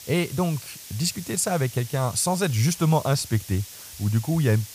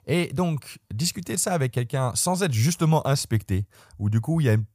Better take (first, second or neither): second